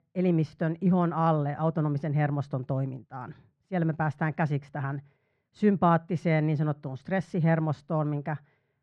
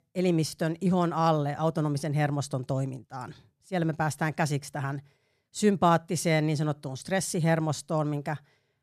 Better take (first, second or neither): second